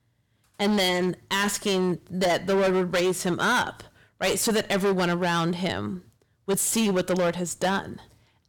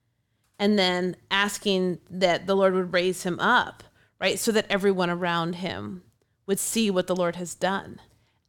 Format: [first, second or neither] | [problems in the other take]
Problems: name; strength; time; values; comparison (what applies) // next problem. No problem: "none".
second | distortion; heavy; 16% of the sound clipped